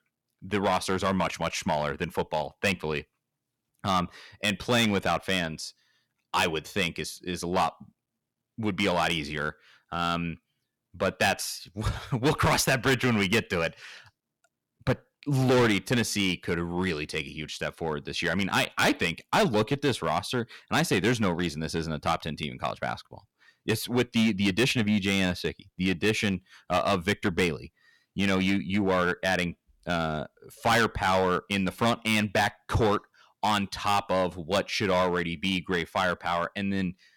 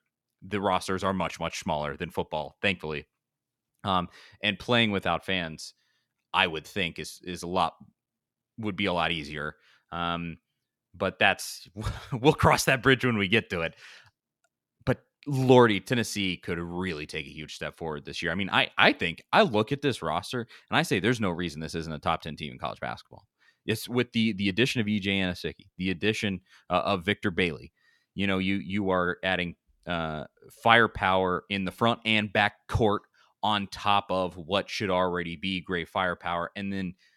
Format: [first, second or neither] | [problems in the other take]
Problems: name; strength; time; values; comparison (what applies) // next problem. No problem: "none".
second | distortion; heavy; 5% of the sound clipped